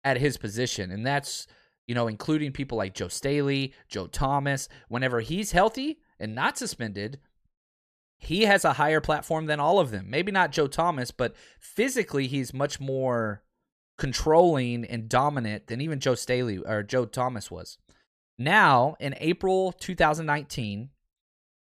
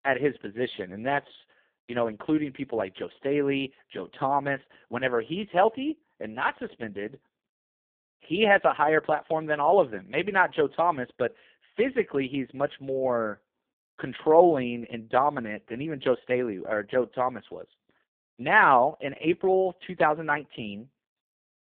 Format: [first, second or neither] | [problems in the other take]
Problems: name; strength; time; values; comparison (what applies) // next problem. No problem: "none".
first | phone-call audio; poor line